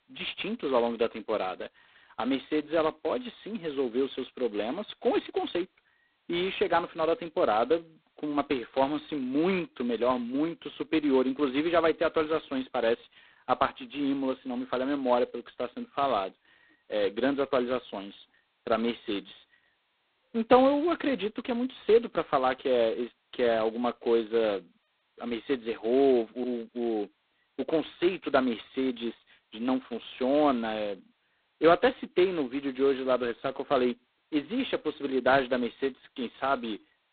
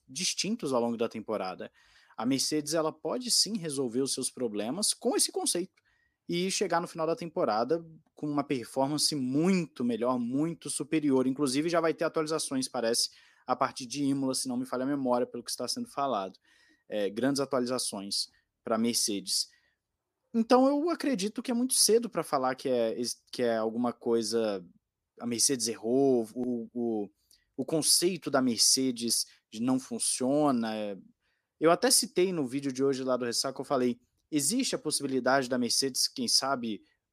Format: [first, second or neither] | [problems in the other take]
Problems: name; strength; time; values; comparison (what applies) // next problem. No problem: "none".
second | phone-call audio; poor line; nothing above 4 kHz